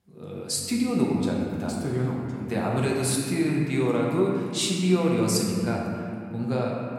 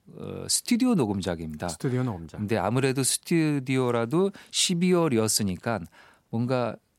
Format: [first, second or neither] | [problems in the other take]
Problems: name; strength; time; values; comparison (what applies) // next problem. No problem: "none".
second | room echo; noticeable; dies away in 2.1 s // off-mic speech; somewhat distant